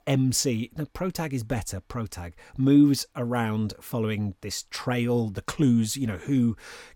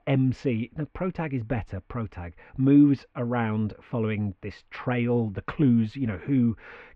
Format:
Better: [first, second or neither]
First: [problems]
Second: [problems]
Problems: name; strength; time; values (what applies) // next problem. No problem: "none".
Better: first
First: none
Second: muffled; very; fading above 2.5 kHz